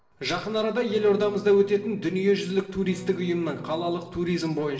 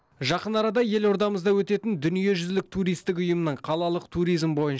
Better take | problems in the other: second | background sound (Electric guitar / Strum); 16 dB below the speech // room echo; dies away in 0.8 s

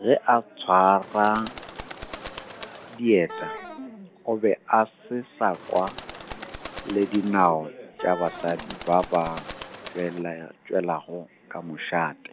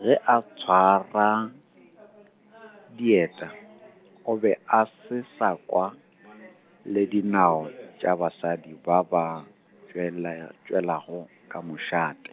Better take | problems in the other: second | background sound (Bird + Wind instrument, woodwind instrument); 13 dB below the speech

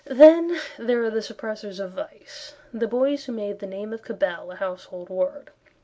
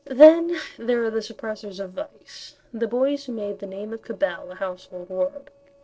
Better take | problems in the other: first | noise reduction (neural separator model SepFormer DNS4)

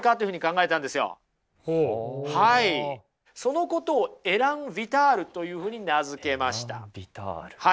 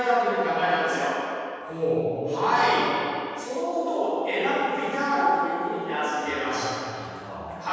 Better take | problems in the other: first | room echo; dies away in 2.1 s

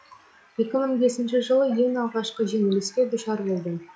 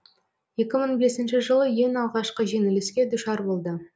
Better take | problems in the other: second | noise reduction (classical method log-MMSE)

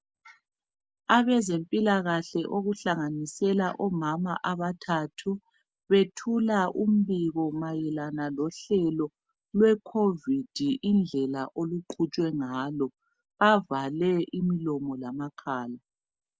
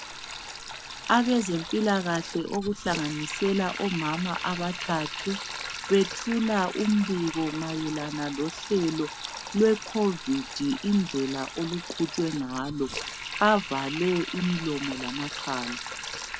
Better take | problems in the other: first | background sound (Sink (filling or washing)); 9 dB below the speech

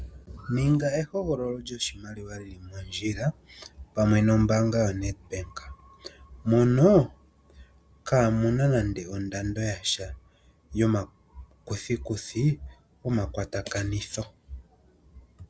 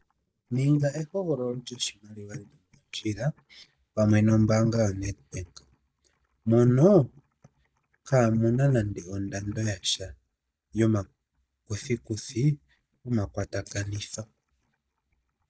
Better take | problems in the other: first | noise reduction (neural mask model DeepFilterNet 3)

